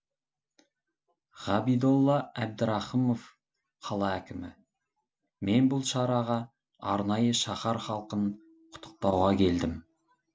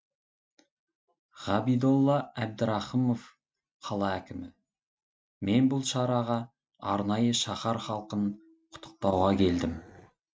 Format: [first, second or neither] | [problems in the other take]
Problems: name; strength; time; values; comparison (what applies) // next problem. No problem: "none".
first | noise reduction (neural mask model RNNoise)